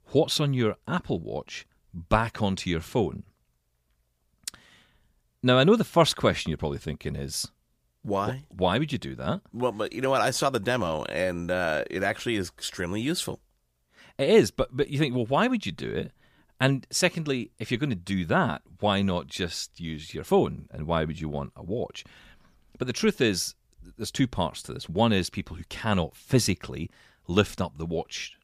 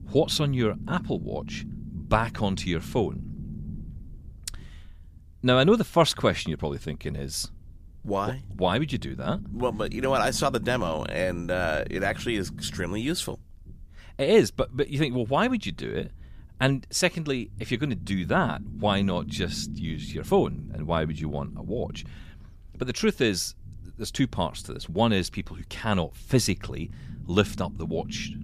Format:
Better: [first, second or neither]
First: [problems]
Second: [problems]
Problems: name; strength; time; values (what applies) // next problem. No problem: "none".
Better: first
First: none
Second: low rumble; faint; throughout; 20 dB below the speech